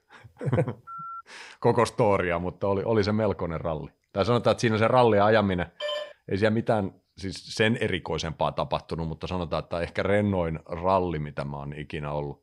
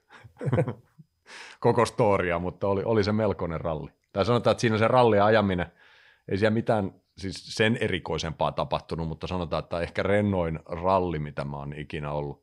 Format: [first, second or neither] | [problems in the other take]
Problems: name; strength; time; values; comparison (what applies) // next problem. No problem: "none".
second | phone ringing; faint; at 1 s; peak 10 dB below the speech // phone ringing; noticeable; at 6 s; peak 6 dB below the speech